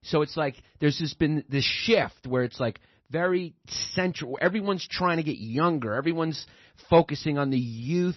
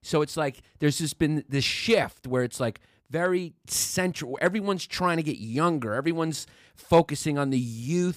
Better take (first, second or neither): second